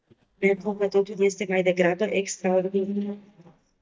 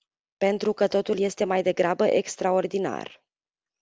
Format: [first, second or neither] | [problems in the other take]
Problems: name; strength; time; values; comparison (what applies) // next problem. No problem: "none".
second | noise reduction (neural mask model DeepFilterNet 3)